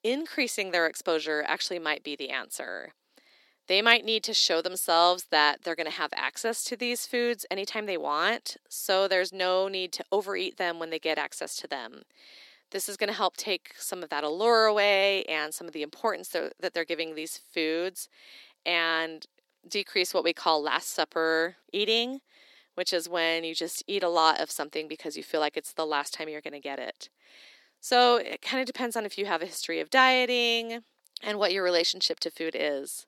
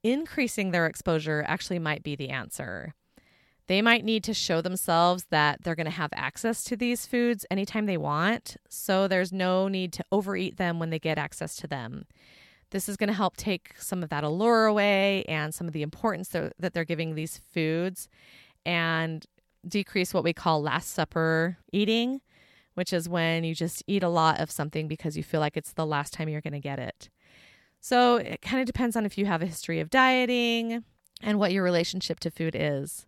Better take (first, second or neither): second